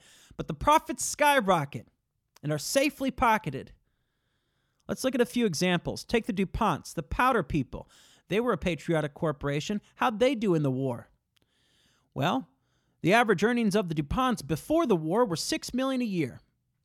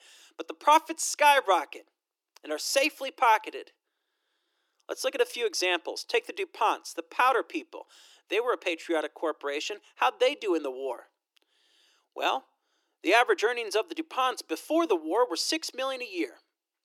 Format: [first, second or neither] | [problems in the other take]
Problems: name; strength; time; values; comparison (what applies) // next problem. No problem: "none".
first | thin; very; fading below 300 Hz